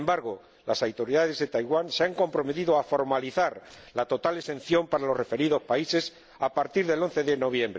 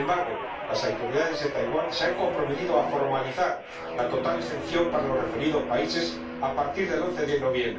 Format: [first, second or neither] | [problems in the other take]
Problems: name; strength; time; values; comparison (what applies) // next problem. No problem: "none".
first | background sound (Guitar); 7 dB below the speech // room echo; dies away in 0.3 s